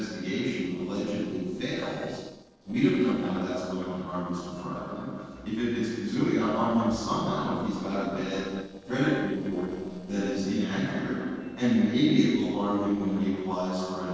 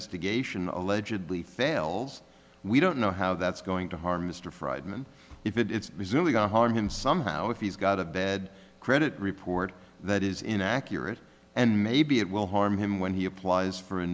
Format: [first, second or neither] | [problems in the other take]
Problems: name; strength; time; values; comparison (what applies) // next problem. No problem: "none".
second | noise reduction (neural separator model SepFormer DNS4)